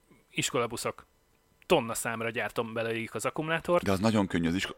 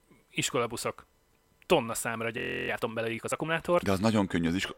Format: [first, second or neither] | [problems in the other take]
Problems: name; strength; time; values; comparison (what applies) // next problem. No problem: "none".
first | audio freezing; at 2.5 s